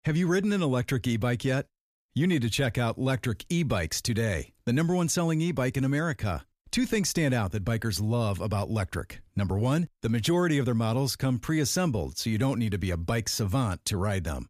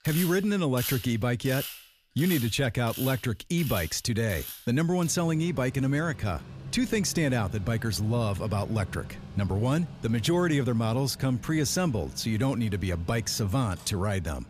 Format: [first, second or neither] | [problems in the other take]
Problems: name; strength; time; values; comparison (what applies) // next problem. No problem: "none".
first | machinery noise; noticeable; throughout; 15 dB below the speech